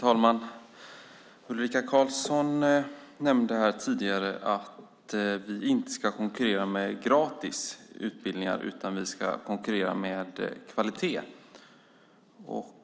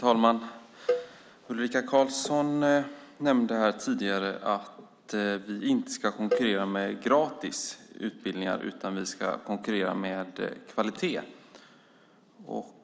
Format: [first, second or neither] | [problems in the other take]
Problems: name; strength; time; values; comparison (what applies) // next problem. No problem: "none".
first | background sound (Cowbell); 7 dB below the speech